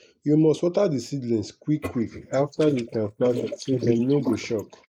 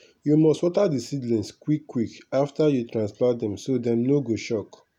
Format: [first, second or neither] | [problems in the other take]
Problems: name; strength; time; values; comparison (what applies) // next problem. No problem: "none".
second | noise reduction (neural mask model Resemble Enhance denoiser)